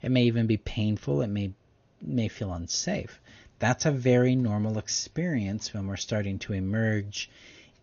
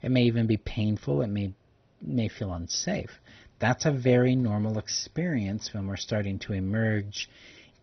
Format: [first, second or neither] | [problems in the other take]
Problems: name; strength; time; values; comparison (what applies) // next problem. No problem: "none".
first | garbled, watery; badly; nothing above 6 kHz; slightly in the first